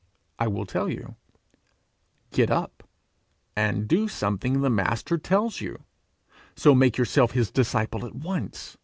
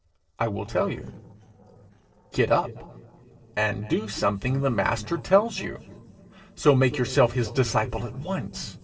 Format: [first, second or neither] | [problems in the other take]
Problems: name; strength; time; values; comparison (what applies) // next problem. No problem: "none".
first | noise reduction (neural separator model SepFormer DNS4)